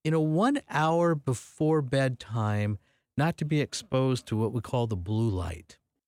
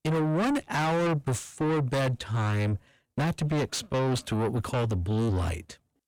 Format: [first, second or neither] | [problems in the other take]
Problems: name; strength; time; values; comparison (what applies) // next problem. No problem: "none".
first | distortion; heavy; 6 dB below the speech